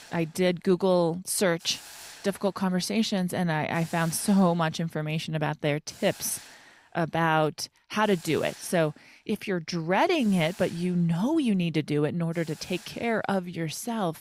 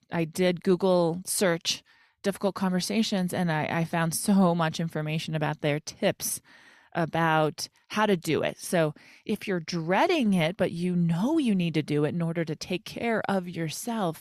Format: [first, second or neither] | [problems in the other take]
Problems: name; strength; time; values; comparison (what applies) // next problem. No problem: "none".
second | hiss; noticeable; throughout; 20 dB below the speech